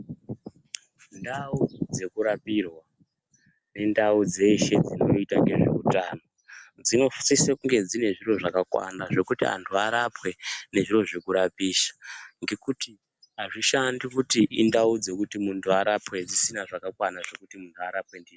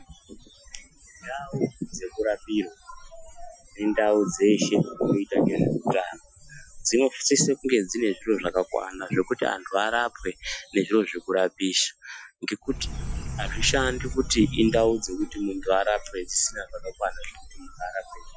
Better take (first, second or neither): first